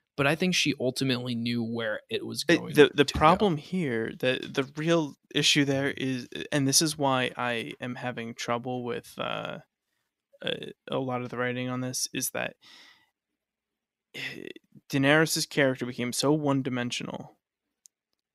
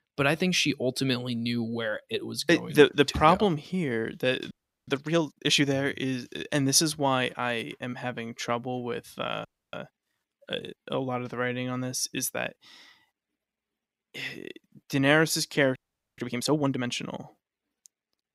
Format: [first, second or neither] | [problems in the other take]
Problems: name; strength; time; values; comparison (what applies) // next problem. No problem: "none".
first | audio freezing; at 4.5 s, at 9.5 s and at 16 s